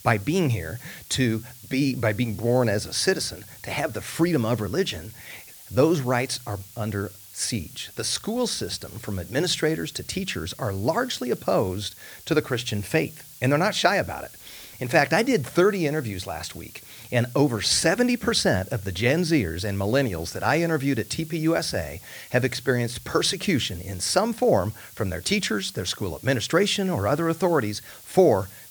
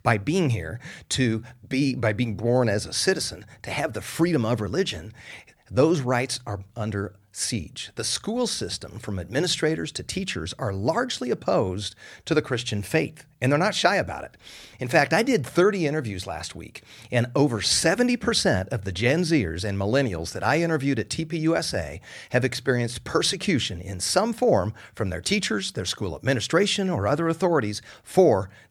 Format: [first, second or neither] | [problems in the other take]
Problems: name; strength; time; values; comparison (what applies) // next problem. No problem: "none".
second | hiss; noticeable; throughout; 20 dB below the speech